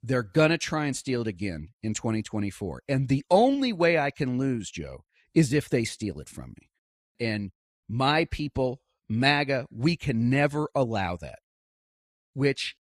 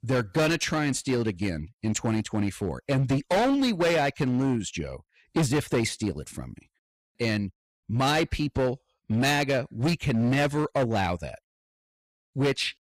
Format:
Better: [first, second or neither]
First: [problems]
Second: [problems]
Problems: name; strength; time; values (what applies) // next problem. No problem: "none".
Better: first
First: none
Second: distortion; heavy; 11% of the sound clipped